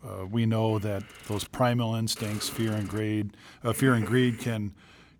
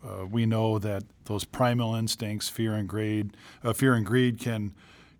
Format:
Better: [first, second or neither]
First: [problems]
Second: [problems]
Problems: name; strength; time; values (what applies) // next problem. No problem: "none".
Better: second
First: hiss; noticeable; at 0.5 s, at 2 s and at 3.5 s; 15 dB below the speech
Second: none